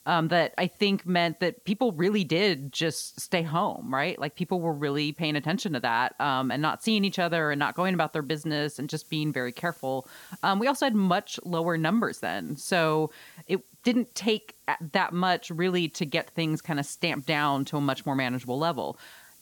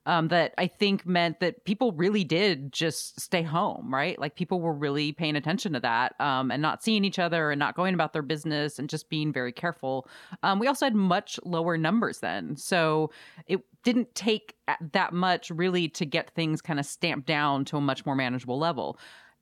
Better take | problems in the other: second | hiss; faint; throughout; 25 dB below the speech

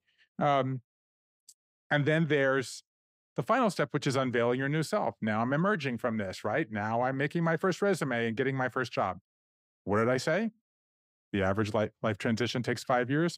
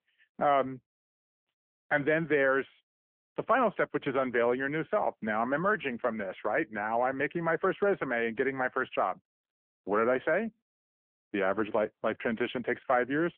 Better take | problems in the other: first | phone-call audio; nothing above 3.5 kHz

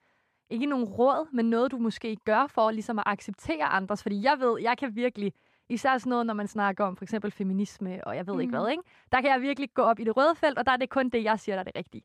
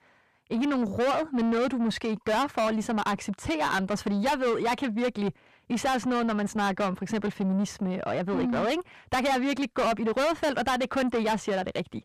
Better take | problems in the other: first | distortion; heavy; 6 dB below the speech

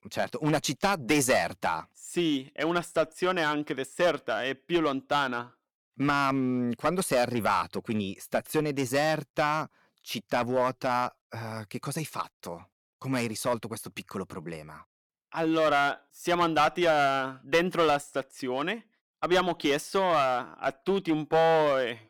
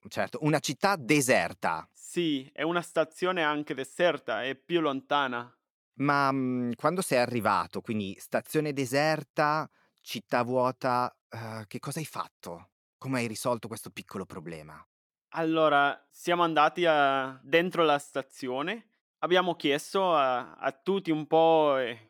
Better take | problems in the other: second | distortion; slight; 4% of the sound clipped

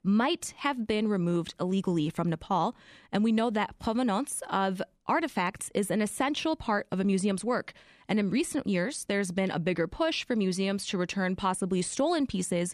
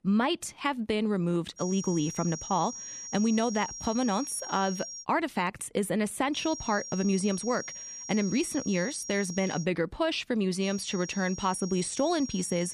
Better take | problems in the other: first | high-pitched whine; loud; from 1.5 to 5 s, from 6.5 to 9.5 s and from 11 s on; 5.5 kHz, 9 dB below the speech

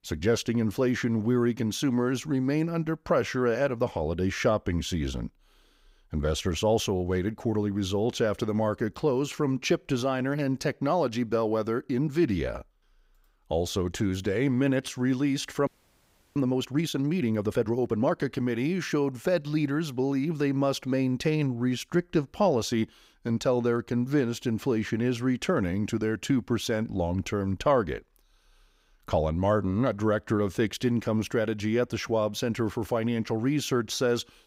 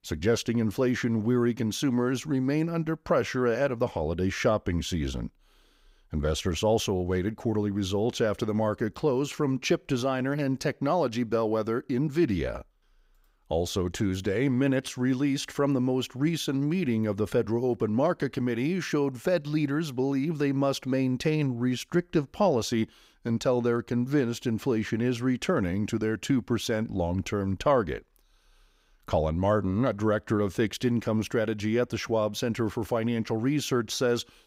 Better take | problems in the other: second | audio freezing; at 16 s for 0.5 s

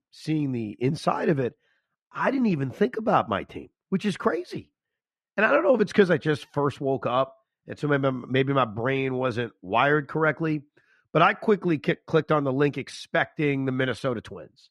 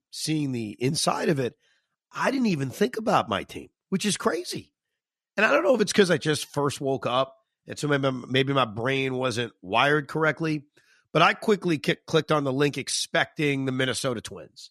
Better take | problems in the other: second | muffled; slightly; fading above 3.5 kHz

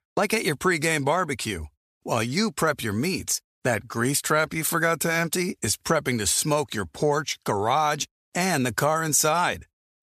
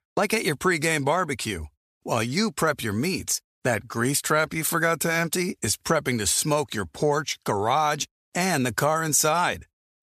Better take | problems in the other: neither | none

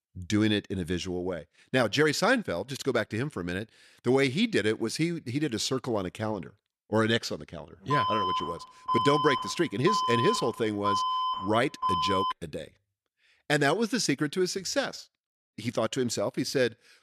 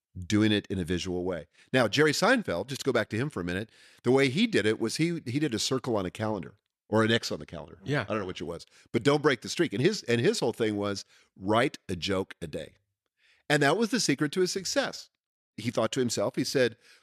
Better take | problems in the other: second | alarm; loud; from 8 to 12 s; peak 1 dB above the speech

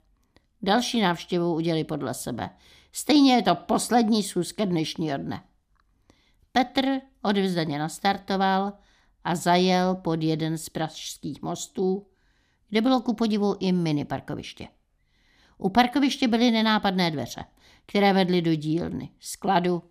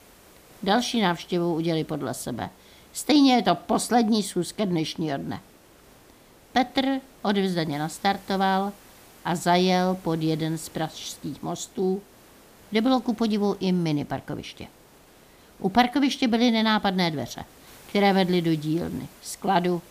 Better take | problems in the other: first | hiss; faint; throughout; 25 dB below the speech

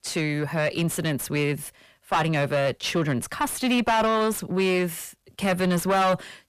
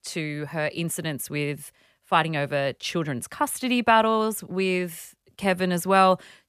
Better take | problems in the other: second | distortion; heavy; 5 dB below the speech

